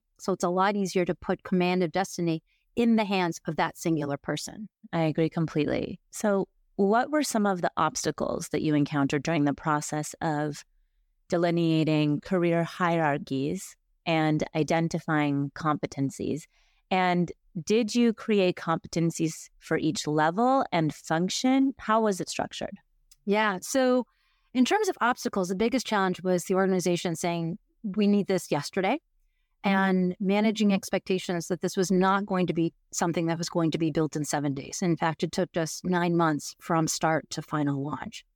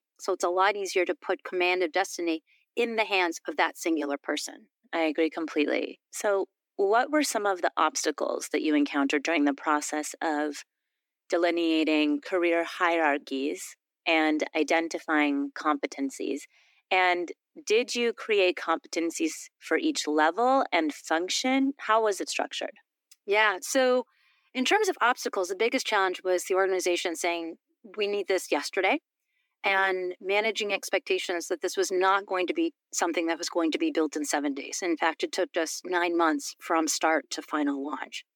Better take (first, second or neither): first